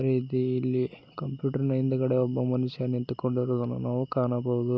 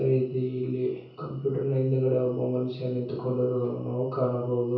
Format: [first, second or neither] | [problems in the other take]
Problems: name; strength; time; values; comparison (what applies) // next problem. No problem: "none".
first | room echo; dies away in 0.6 s